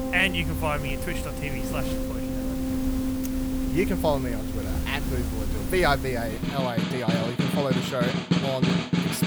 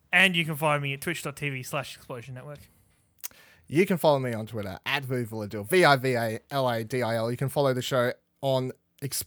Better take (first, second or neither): second